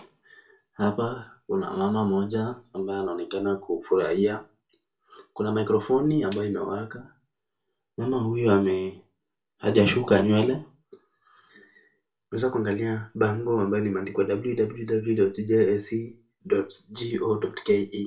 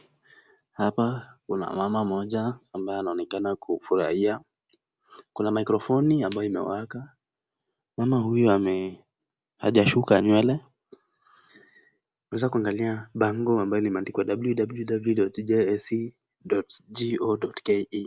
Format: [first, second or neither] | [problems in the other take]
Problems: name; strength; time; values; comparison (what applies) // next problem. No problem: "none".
second | room echo; dies away in 0.2 s